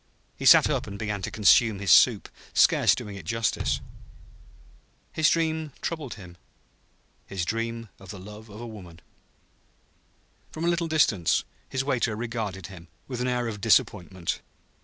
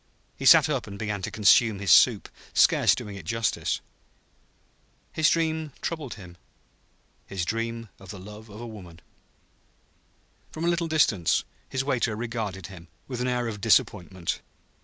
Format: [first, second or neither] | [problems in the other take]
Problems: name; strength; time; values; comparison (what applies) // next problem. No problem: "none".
second | background sound (Bass drum); 10 dB below the speech